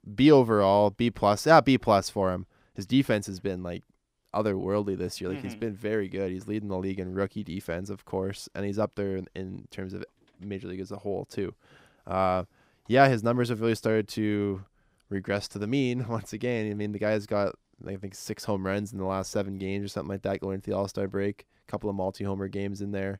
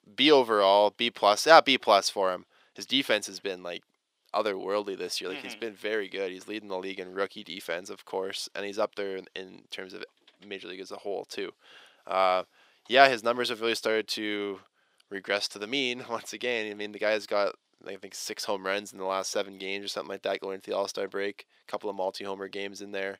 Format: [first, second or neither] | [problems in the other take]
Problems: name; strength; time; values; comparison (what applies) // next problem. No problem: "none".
first | thin; somewhat; fading below 450 Hz